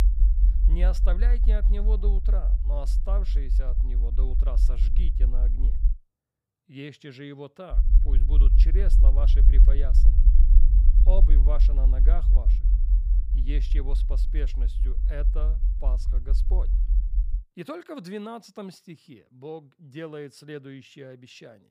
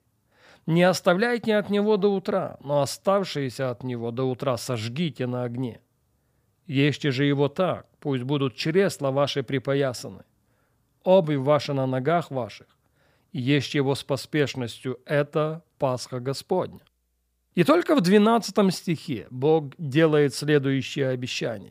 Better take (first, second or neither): second